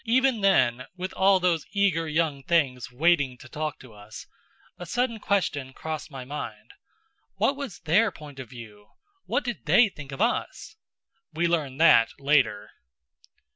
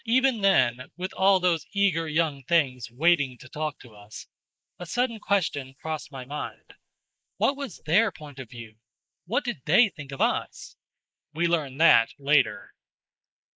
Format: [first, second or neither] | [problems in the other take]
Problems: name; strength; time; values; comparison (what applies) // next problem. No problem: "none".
first | noise reduction (neural mask model Resemble Enhance denoiser)